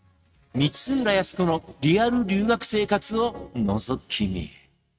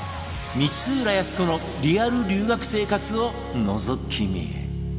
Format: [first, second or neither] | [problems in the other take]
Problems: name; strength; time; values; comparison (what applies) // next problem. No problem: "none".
second | noise reduction (neural mask model RNNoise)